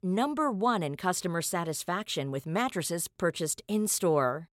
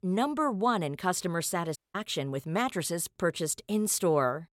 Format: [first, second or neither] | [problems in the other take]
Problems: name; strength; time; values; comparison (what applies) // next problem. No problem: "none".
first | audio cutting out; at 2 s